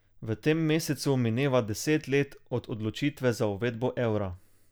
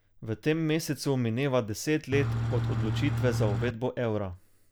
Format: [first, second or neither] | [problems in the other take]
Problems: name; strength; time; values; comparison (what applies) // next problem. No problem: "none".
first | background sound (Engine / Truck); 1 dB above the speech